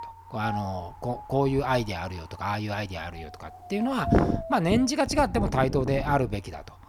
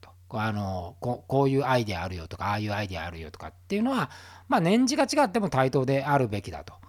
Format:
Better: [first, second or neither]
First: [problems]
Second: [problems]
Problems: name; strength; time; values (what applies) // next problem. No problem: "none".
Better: second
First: wind noise on the microphone; heavy; 7 dB below the speech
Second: none